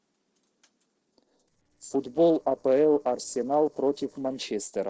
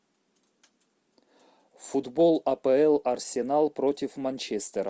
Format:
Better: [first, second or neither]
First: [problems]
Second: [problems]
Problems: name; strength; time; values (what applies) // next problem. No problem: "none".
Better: second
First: noise reduction (neural separator model SepFormer DNS4)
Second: none